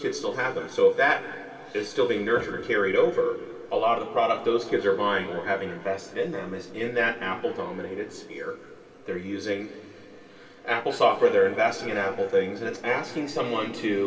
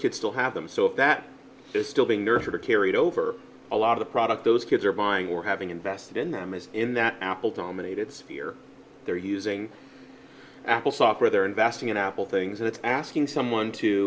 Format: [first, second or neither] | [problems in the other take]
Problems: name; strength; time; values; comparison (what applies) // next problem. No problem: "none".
second | room echo; dies away in 2.5 s